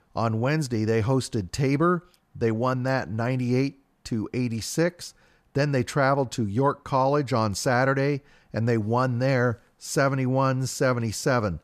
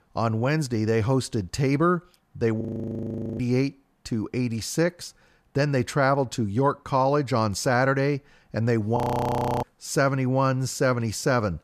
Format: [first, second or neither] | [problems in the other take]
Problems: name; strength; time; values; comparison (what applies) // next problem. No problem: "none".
first | audio freezing; at 2.5 s for 1 s and at 9 s for 0.5 s